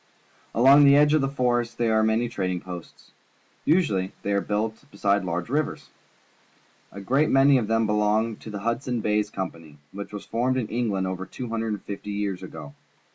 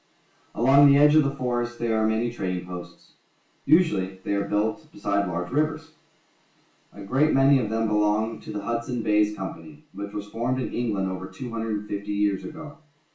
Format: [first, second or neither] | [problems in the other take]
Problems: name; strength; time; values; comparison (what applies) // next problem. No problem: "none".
first | room echo; dies away in 0.3 s